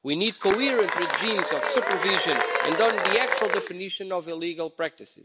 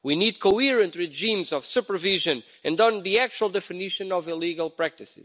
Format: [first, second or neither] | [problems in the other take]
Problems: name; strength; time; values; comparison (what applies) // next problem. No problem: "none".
second | background sound (Applause / Cheering); as loud as the speech